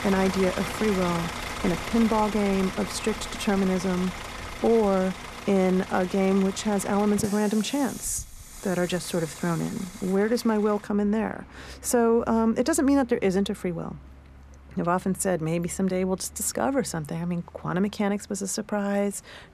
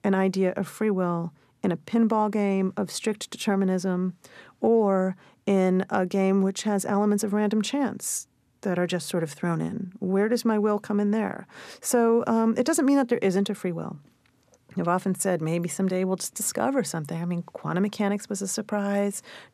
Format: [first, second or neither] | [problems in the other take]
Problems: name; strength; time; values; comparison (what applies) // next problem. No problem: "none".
second | traffic noise; noticeable; throughout; 10 dB below the speech